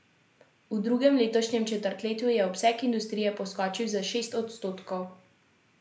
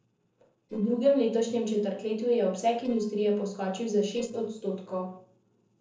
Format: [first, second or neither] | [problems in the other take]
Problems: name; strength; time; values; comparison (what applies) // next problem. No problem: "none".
first | noise reduction (neural separator model SepFormer DNS4)